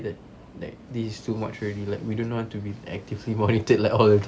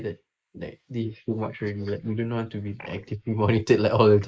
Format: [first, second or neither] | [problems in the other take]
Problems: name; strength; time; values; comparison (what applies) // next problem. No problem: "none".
first | noise reduction (neural mask model Resemble Enhance denoiser)